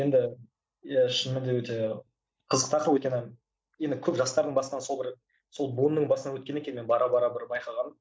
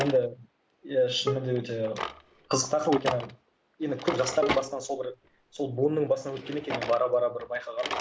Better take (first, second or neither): first